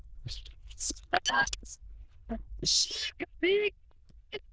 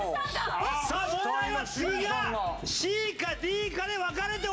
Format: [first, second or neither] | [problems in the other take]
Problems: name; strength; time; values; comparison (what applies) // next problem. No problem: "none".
second | noise reduction (neural diffusion model UNIVERSE++)